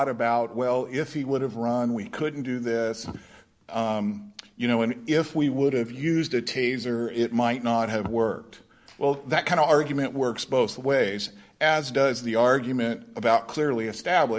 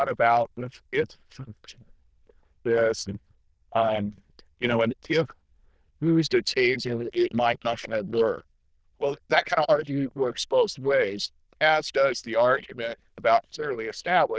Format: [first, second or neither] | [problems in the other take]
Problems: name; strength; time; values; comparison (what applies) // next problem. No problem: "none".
first | noise reduction (neural diffusion model UNIVERSE++)